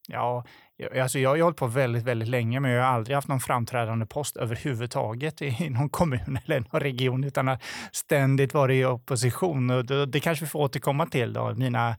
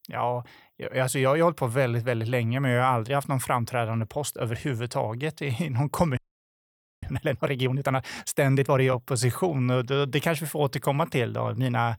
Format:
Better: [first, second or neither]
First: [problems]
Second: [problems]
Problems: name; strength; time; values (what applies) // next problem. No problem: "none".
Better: first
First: none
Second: audio freezing; at 6 s for 1 s